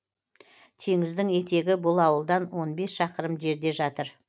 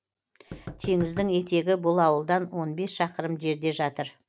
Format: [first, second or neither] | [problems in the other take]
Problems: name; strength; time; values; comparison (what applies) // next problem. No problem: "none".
first | background sound (Knock); 15 dB below the speech